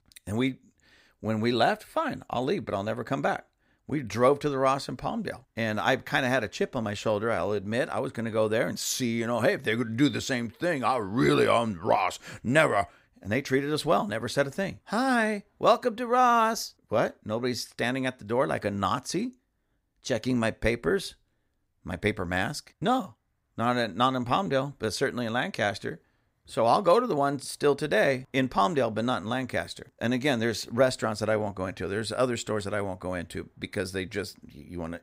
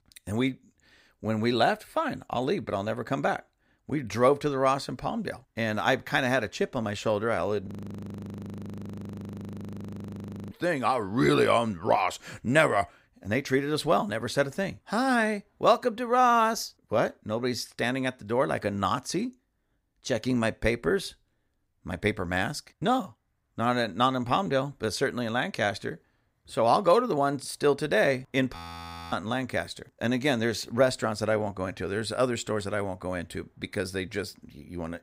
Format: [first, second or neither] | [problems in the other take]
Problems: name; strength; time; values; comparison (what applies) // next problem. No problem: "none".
first | audio freezing; at 7.5 s for 3 s and at 29 s for 0.5 s